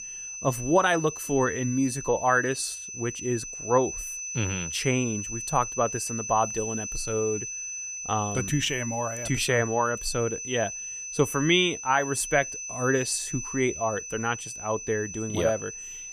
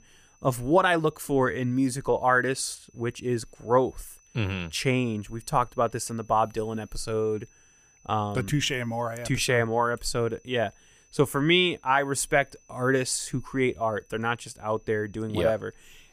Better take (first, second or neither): second